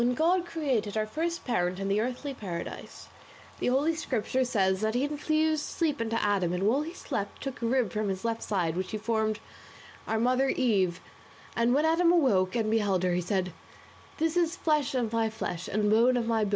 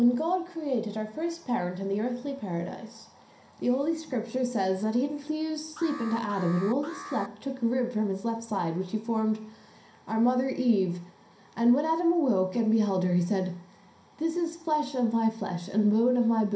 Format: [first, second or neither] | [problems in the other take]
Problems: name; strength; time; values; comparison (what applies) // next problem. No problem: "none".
first | background sound (Alarm); 14 dB below the speech // room echo; dies away in 0.5 s